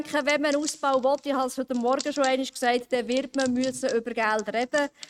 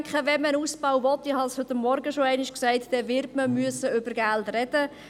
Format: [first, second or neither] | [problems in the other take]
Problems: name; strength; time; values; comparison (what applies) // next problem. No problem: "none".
second | noise reduction (neural mask model RNNoise)